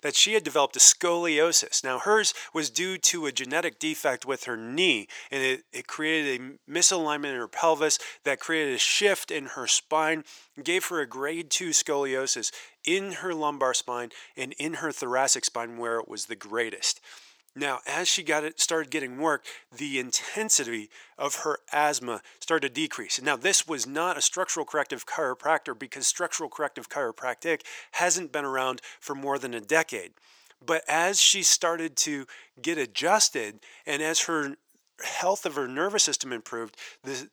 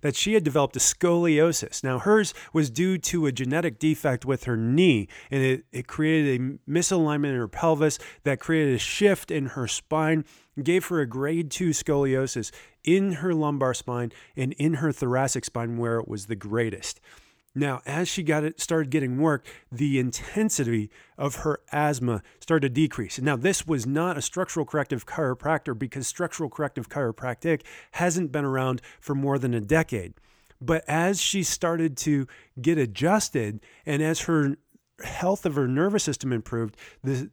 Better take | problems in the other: second | thin; somewhat; fading below 500 Hz

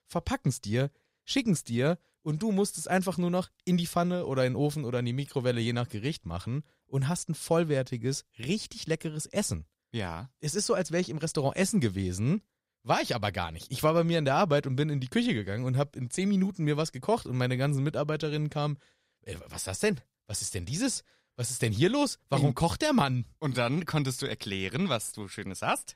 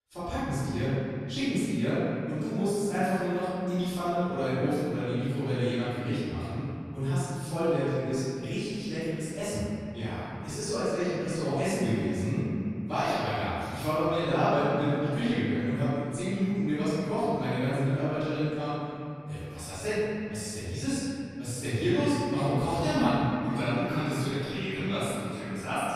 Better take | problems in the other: first | off-mic speech; far // room echo; strong; dies away in 2.6 s

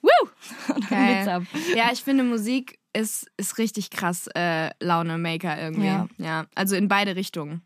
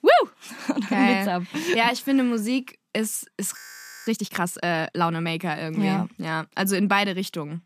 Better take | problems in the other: first | audio freezing; at 3.5 s

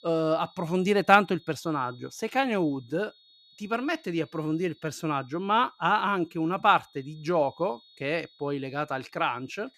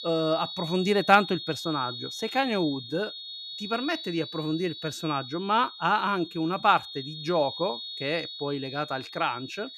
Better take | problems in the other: first | high-pitched whine; loud; throughout; 3.5 kHz, 9 dB below the speech; faint in the first

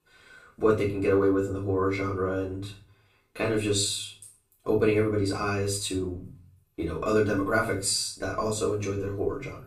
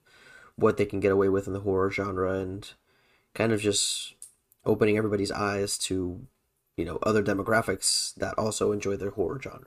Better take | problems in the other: second | room echo; slight; dies away in 0.4 s // off-mic speech; far

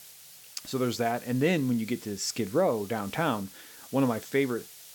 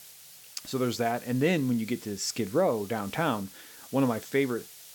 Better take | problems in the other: neither | hiss; noticeable; throughout; 15 dB below the speech; the same in both

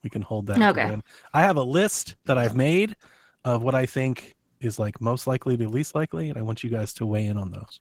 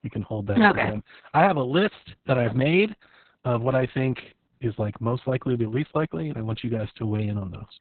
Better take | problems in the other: first | garbled, watery; badly; nothing above 4 kHz; slightly in the first

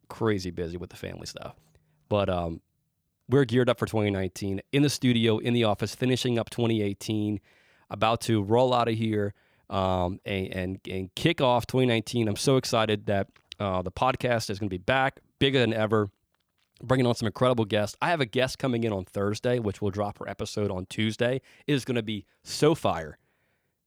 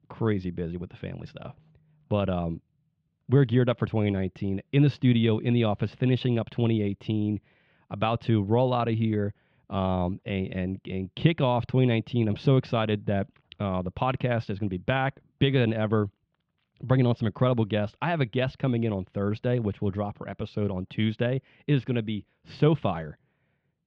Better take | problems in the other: first | muffled; slightly; fading above 3 kHz

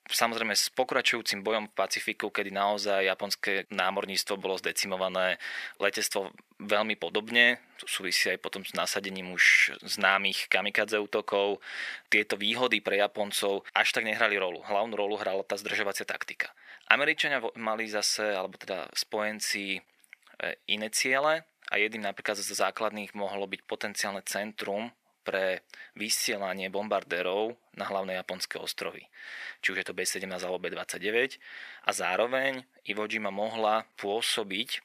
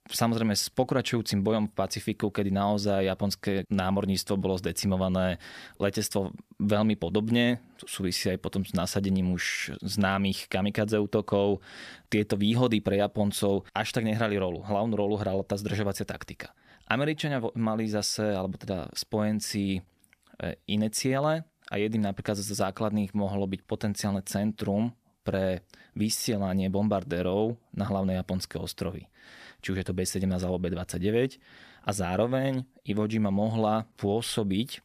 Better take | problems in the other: second | thin; very; fading below 450 Hz

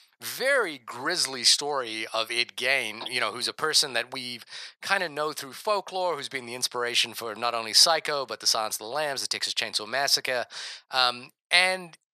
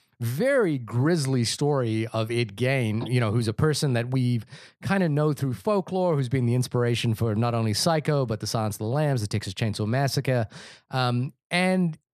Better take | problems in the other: second | thin; very; fading below 800 Hz

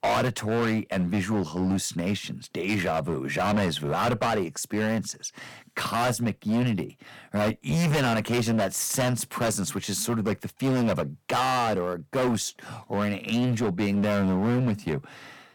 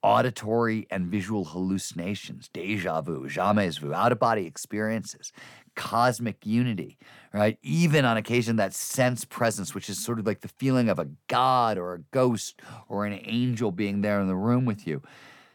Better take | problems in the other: second | distortion; heavy; 18% of the sound clipped

